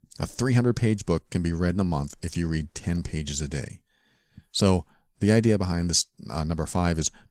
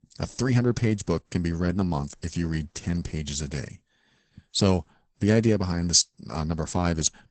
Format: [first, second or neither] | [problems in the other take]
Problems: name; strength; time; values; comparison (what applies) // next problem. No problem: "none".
first | garbled, watery; badly; nothing above 8 kHz; slightly in the first